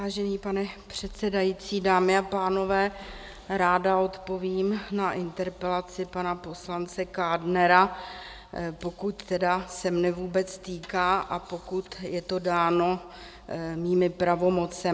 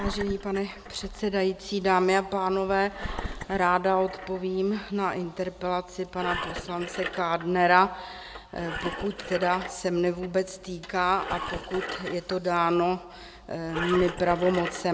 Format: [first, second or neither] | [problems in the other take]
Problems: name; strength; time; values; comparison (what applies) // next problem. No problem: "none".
first | background sound (Engine); 11 dB below the speech